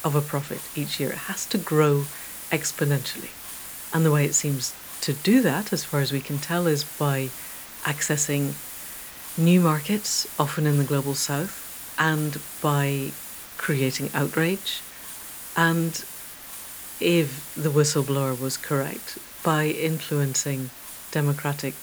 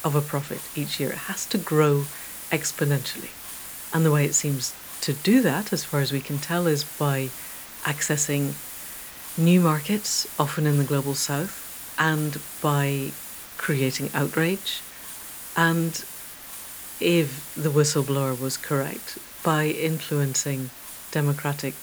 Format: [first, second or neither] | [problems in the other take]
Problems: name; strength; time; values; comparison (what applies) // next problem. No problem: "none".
neither | hiss; noticeable; throughout; 10 dB below the speech; the same in both